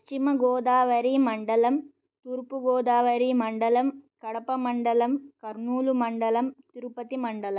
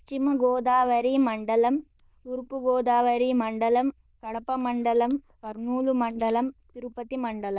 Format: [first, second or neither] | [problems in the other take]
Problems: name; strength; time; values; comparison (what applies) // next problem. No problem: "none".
first | noise reduction (neural diffusion model UNIVERSE++)